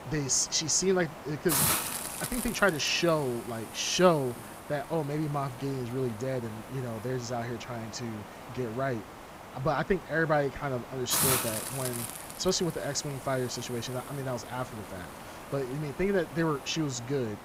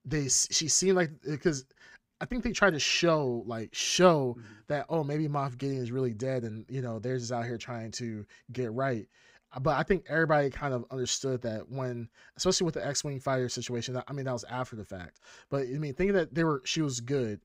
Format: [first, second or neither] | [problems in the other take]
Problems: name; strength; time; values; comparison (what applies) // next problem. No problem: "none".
second | hiss; loud; throughout; 6 dB below the speech